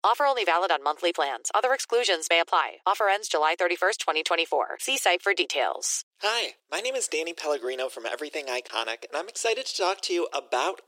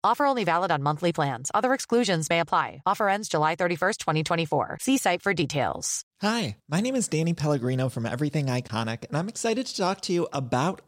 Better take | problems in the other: second | thin; very; fading below 350 Hz

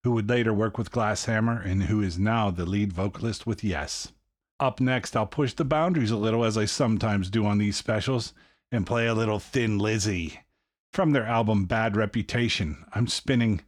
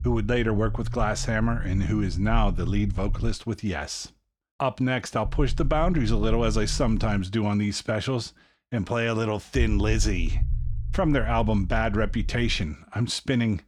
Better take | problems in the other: first | low rumble; faint; until 3.5 s, from 5.5 to 7 s and from 9.5 to 13 s; 20 dB below the speech

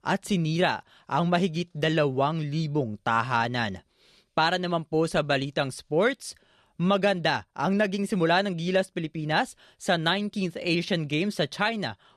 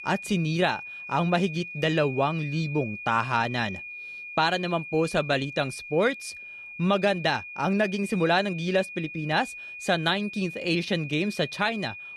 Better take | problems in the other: first | high-pitched whine; noticeable; throughout; 2.5 kHz, 10 dB below the speech

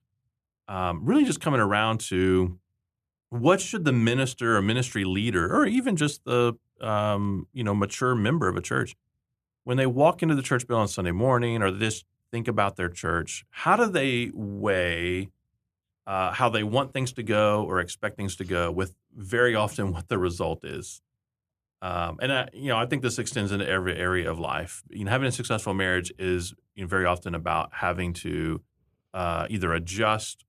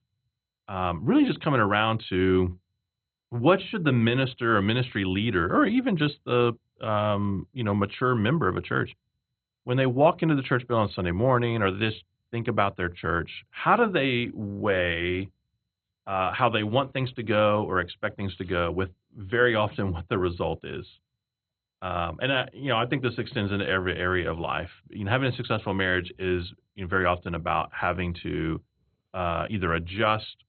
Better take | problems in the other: first | garbled, watery; badly; nothing above 3.5 kHz

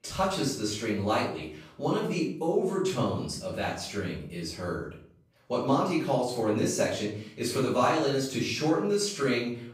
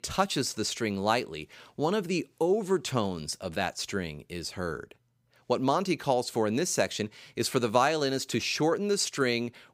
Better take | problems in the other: second | off-mic speech; far // room echo; noticeable; dies away in 0.5 s

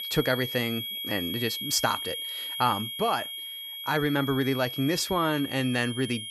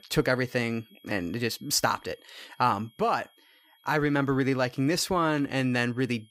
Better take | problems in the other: second | high-pitched whine; loud; throughout; 3.5 kHz, 5 dB below the speech; faint in the second

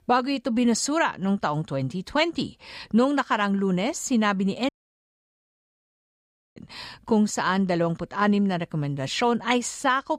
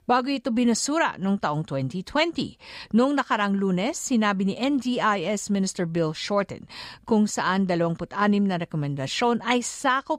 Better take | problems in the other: second | audio cutting out; at 4.5 s for 2 s

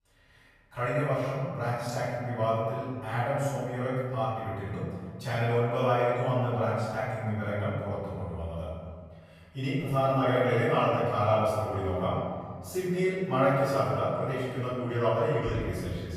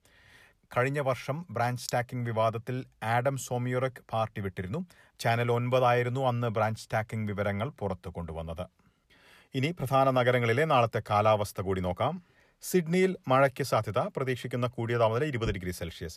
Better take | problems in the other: second | off-mic speech; far // room echo; strong; dies away in 1.7 s

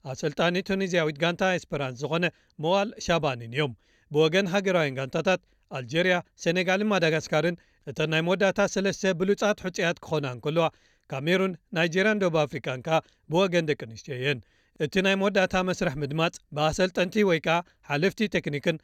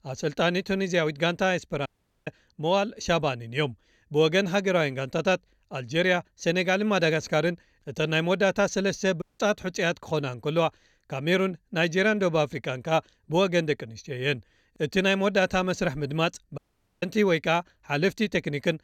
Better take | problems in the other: first | audio cutting out; at 2 s, at 9 s and at 17 s

